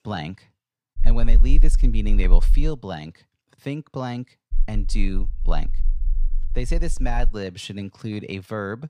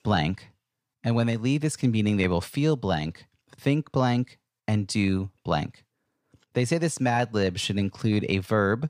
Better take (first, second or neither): second